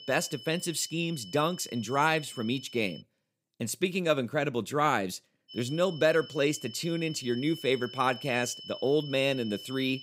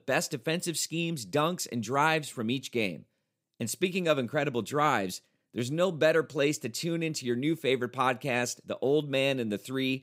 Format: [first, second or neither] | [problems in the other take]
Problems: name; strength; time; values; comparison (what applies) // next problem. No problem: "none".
second | high-pitched whine; noticeable; until 3 s and from 5.5 s on; 3 kHz, 15 dB below the speech